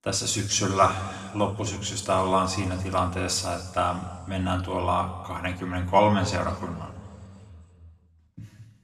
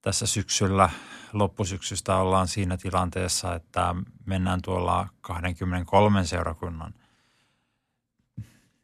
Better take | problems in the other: second | room echo; slight; dies away in 2.1 s // off-mic speech; somewhat distant

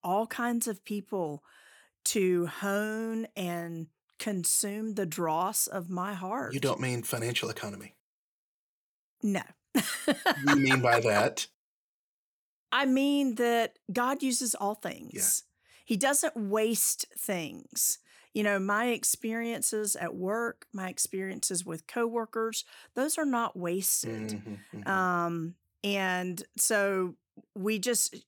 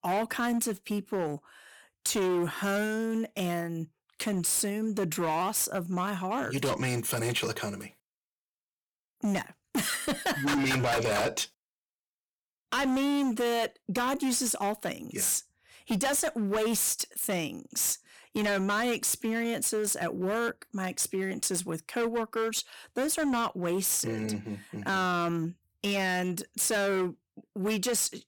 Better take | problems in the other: first | distortion; heavy; 16% of the sound clipped

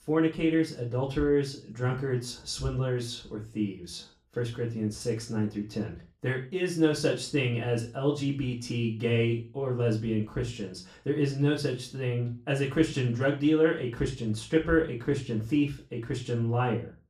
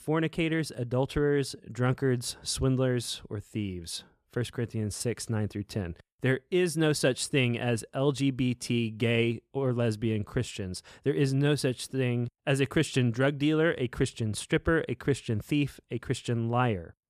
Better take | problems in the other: second | room echo; slight; dies away in 0.3 s // off-mic speech; far

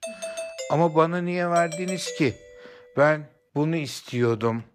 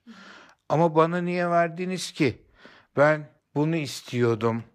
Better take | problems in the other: second | doorbell; noticeable; until 2.5 s; peak 9 dB below the speech

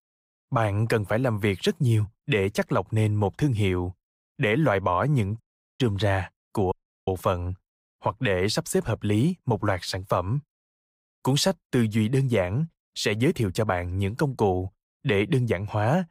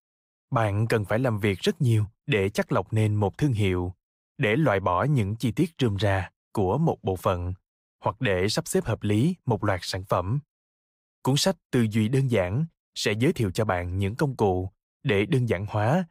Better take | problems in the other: second | audio cutting out; at 5.5 s and at 6.5 s

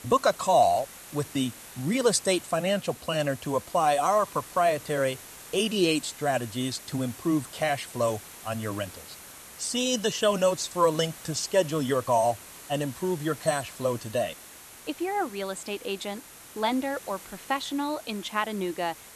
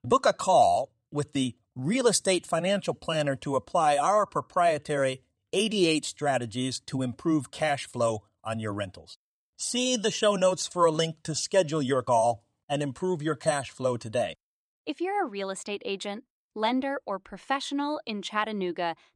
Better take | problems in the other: second | hiss; noticeable; throughout; 15 dB below the speech

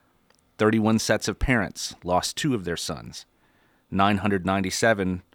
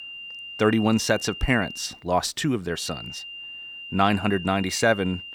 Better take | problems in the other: first | high-pitched whine; noticeable; until 2 s and from 3 s on; 3 kHz, 10 dB below the speech

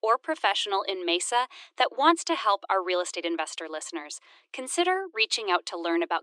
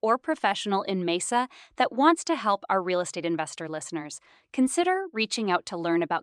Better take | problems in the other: second | thin; very; fading below 350 Hz

